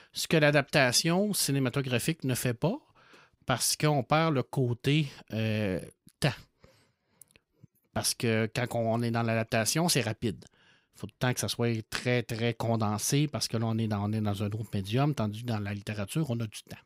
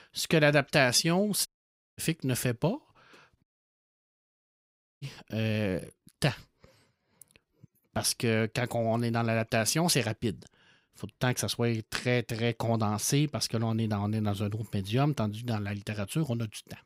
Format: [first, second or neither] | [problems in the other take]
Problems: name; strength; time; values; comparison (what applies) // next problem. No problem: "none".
first | audio cutting out; at 1.5 s for 0.5 s and at 3.5 s for 1.5 s